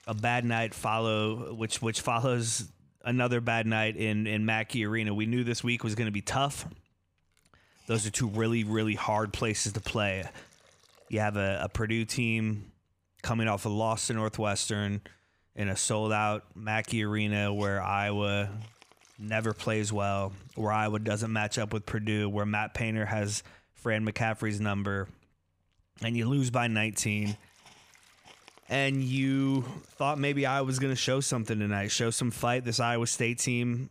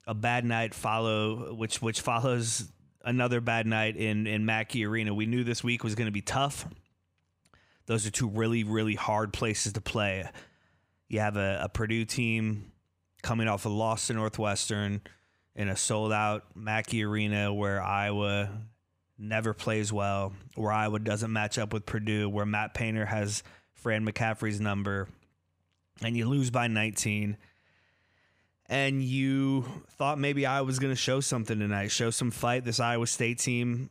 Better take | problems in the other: second | hiss; faint; throughout; 25 dB below the speech

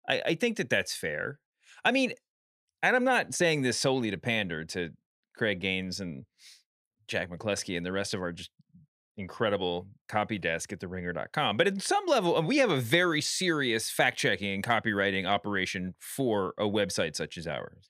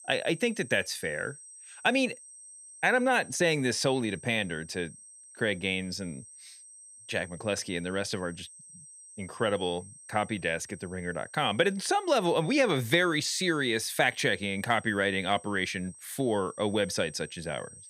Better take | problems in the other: first | high-pitched whine; noticeable; throughout; 8.5 kHz, 20 dB below the speech

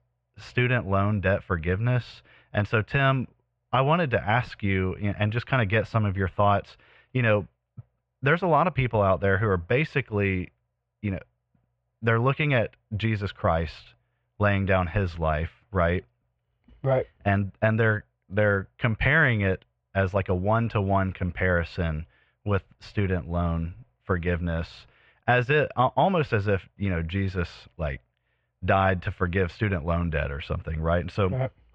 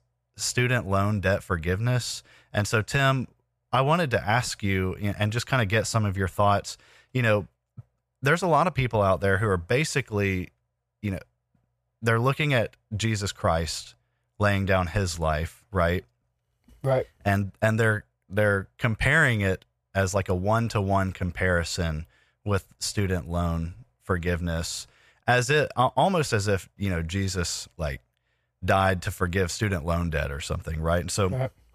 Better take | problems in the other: second | muffled; very; fading above 3 kHz

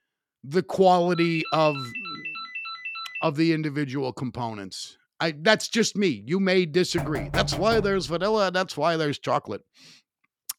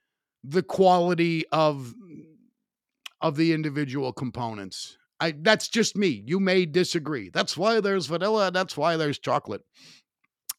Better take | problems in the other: second | phone ringing; noticeable; from 1 to 3.5 s; peak 8 dB below the speech // door banging; noticeable; from 7 to 8 s; peak 7 dB below the speech

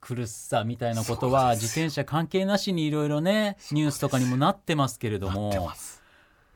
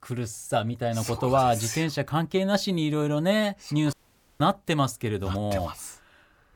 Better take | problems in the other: first | audio cutting out; at 4 s

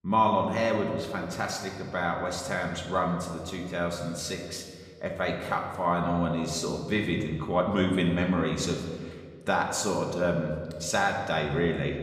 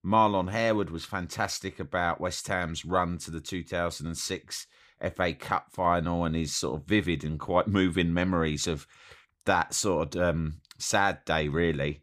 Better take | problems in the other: second | room echo; noticeable; dies away in 1.5 s // off-mic speech; somewhat distant

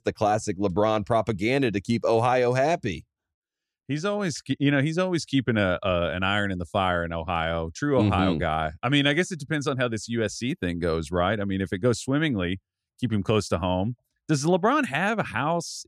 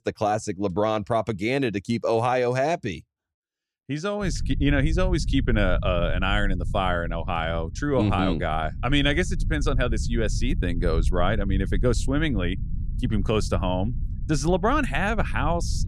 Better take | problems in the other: first | low rumble; faint; from 4 s on; 20 dB below the speech

